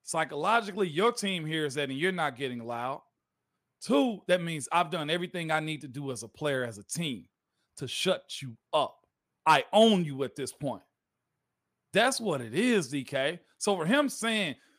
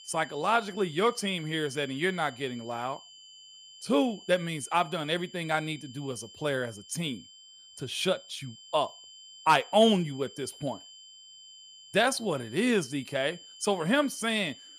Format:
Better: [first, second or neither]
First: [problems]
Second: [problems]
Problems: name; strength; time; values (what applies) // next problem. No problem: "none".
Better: first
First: none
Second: high-pitched whine; noticeable; throughout; 3 kHz, 20 dB below the speech